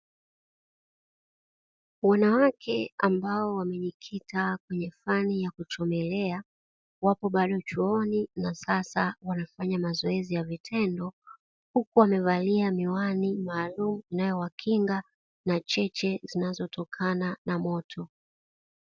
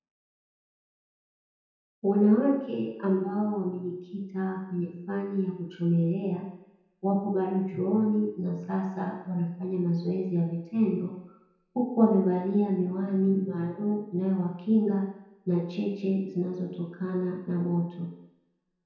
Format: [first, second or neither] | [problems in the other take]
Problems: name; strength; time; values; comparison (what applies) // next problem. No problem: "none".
first | room echo; dies away in 0.9 s